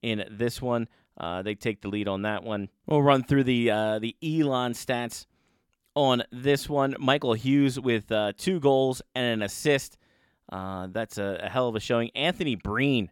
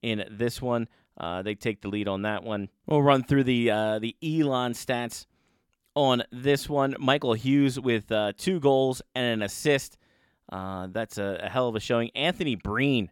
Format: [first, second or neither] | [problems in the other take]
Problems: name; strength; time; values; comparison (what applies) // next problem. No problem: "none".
neither | none